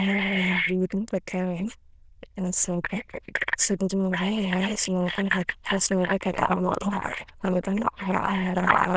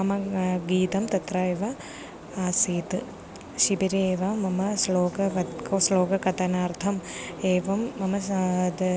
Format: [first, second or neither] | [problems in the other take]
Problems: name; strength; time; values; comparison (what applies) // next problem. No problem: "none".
second | noise reduction (neural diffusion model UNIVERSE++)